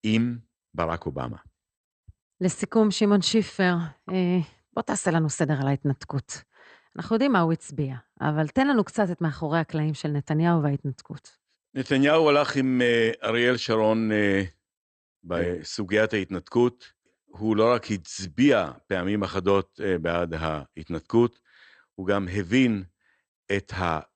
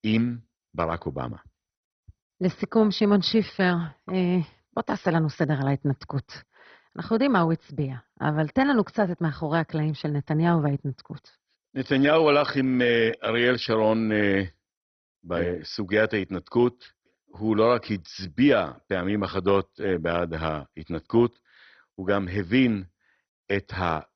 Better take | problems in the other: first | garbled, watery; badly; nothing above 5.5 kHz; slightly in the first

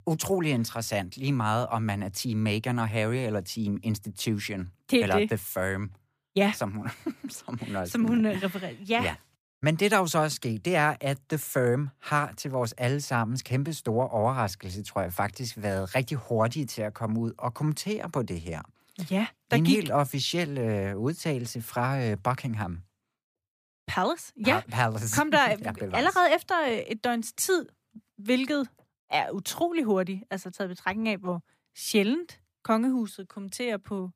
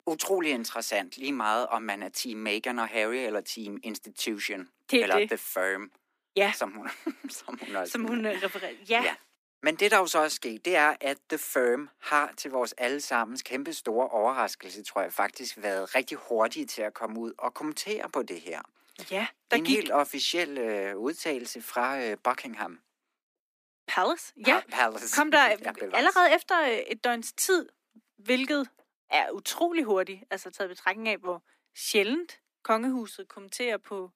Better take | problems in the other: first | thin; somewhat; fading below 250 Hz

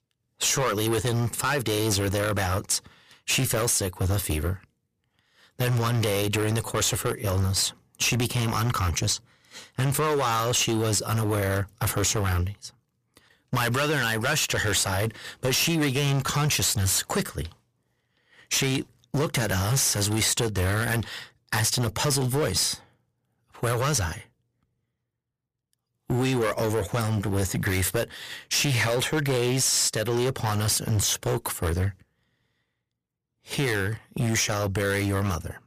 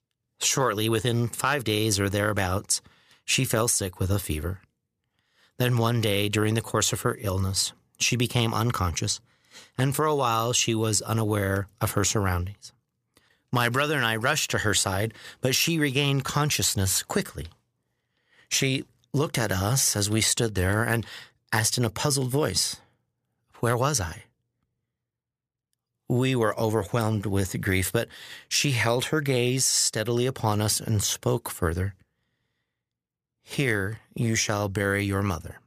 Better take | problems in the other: second | distortion; heavy; 15% of the sound clipped

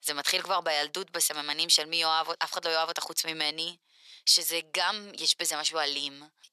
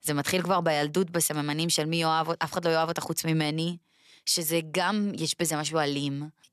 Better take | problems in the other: second | thin; very; fading below 650 Hz

